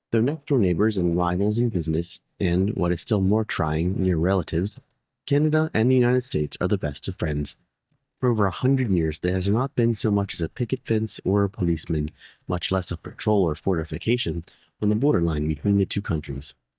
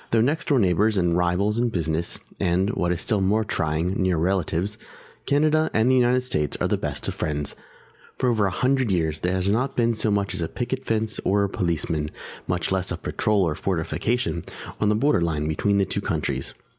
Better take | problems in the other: second | noise reduction (neural mask model DeepFilterNet 3)

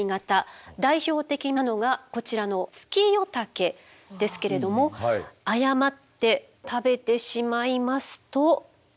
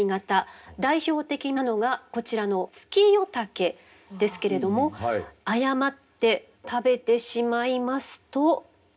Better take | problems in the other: first | room echo; dies away in 0.3 s

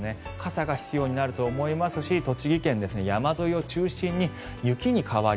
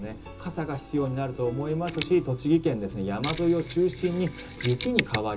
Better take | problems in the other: first | background sound (Mechanisms); 12 dB below the speech // room echo; dies away in 0.2 s

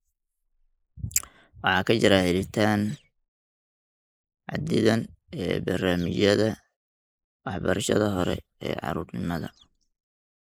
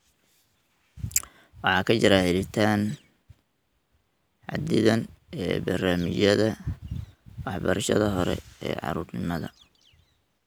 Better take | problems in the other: second | noise reduction (neural mask model Resemble Enhance denoiser)

